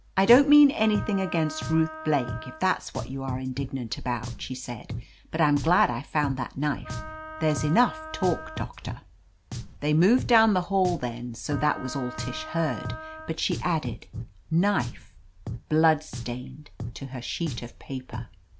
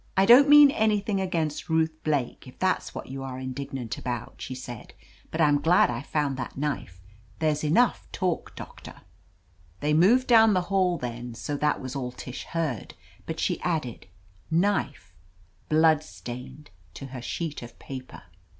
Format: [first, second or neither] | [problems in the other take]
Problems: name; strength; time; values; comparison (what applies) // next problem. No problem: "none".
second | background sound (Drum + Wind instrument, woodwind instrument); 11 dB below the speech